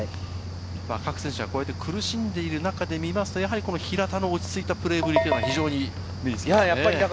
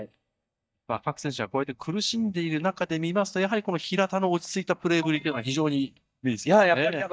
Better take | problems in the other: first | noise reduction (neural mask model DeepFilterNet 3)

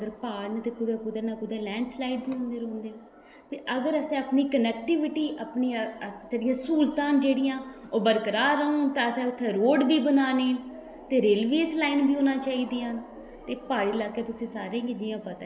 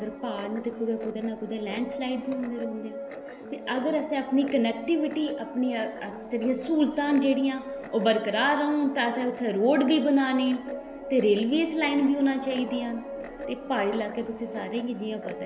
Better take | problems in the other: first | background sound (Guitar); 12 dB below the speech

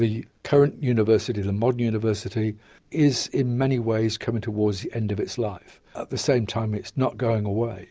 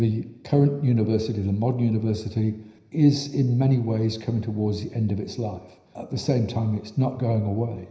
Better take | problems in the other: first | room echo; dies away in 0.9 s

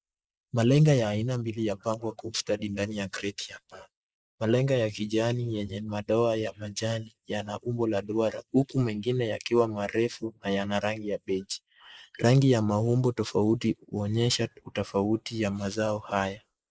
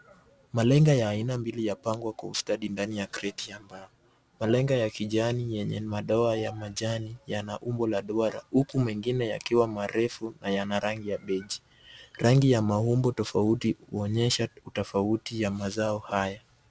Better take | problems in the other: second | noise reduction (neural mask model Resemble Enhance denoiser)

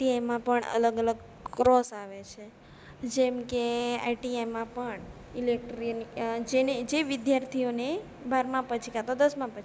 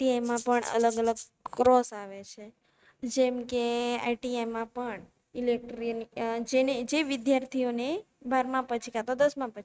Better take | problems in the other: first | noise reduction (neural mask model RNNoise)

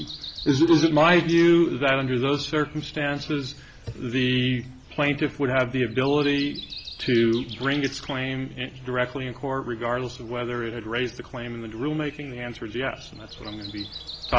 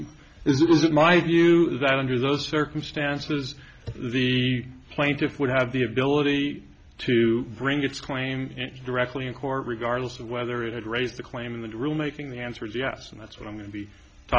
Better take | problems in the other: second | background sound (Breathing); 18 dB below the speech

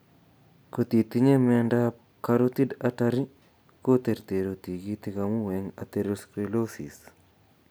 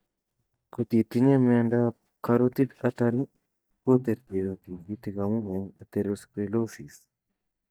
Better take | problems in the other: first | noise reduction (neural mask model DeepFilterNet 3)

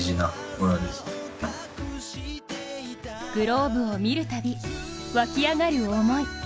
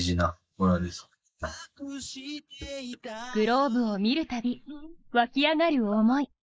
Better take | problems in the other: first | noise reduction (neural mask model Resemble Enhance denoiser)

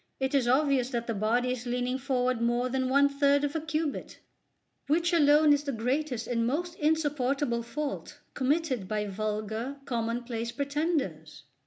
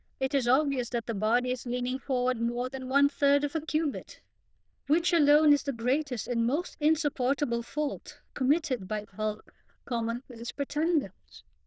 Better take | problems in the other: first | noise reduction (neural diffusion model UNIVERSE++)

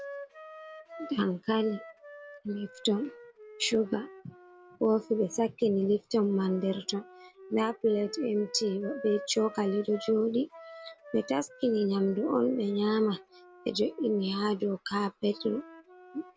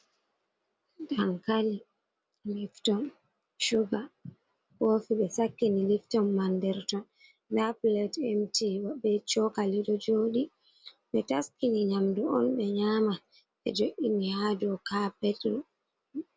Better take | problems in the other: second | background sound (Wind instrument, woodwind instrument); 18 dB below the speech

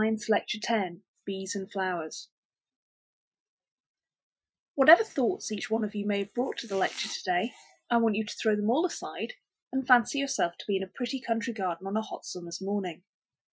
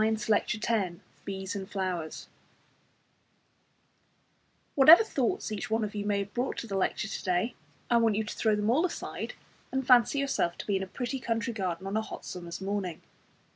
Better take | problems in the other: second | noise reduction (classical method Wiener filter)

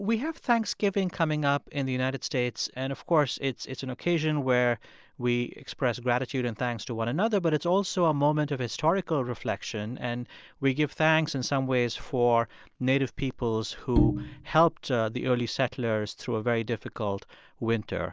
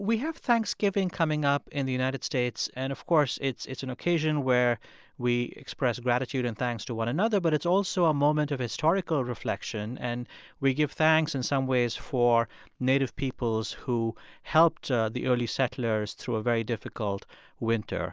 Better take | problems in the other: second | background sound (Bowed string instrument); 1 dB below the speech

